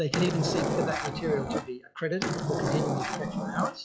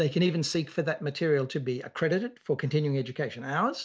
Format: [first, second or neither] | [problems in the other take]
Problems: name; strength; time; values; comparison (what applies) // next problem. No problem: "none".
second | noise reduction (classical method log-MMSE)